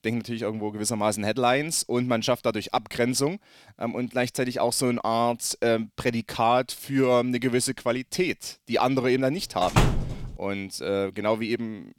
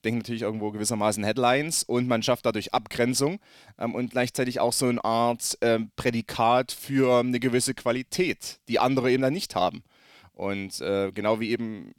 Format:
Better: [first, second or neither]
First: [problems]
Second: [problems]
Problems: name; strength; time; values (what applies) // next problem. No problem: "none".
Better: second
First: door banging; loud; at 9.5 s; peak 2 dB above the speech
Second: none